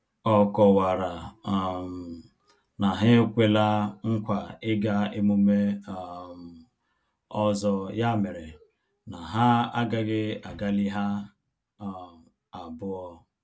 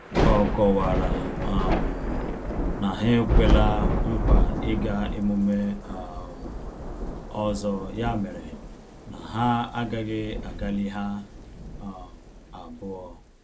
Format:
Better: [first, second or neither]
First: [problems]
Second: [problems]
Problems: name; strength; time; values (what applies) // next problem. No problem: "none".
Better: first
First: none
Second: background sound (Thunder / Rain); 2 dB above the speech